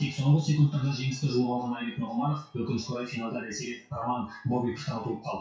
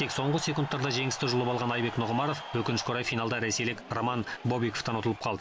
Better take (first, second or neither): second